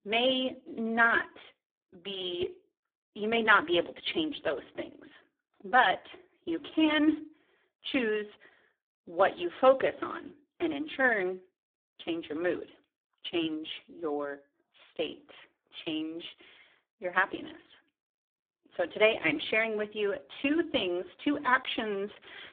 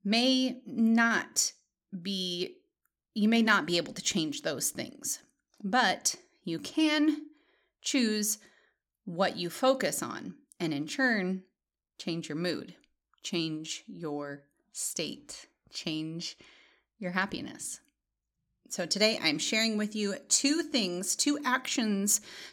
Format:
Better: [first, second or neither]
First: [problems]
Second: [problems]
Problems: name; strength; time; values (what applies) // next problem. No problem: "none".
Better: second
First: phone-call audio; poor line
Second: none